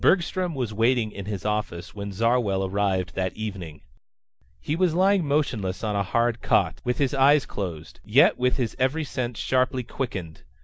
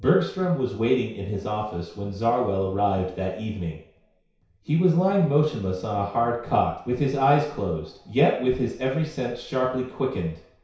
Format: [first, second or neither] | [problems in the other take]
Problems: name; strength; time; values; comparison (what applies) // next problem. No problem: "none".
first | room echo; dies away in 0.6 s